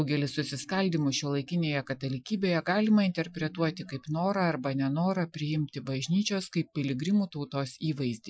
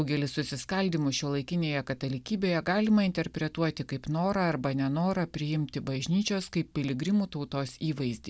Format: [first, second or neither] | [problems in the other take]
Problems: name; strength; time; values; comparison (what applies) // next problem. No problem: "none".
second | noise reduction (classical method Wiener filter)